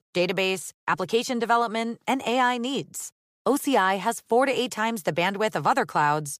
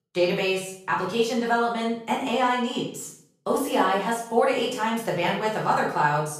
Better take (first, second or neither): first